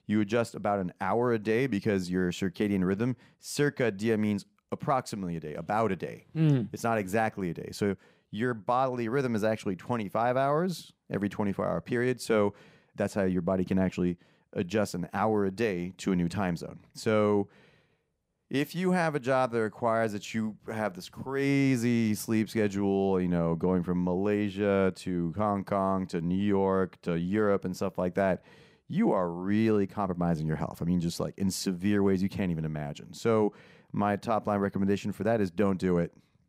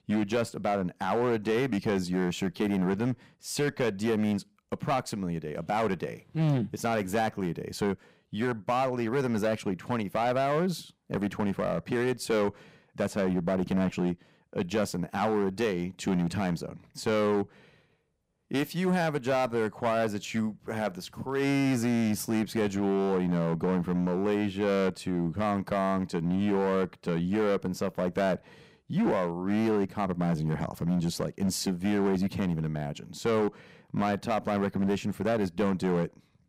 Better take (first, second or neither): first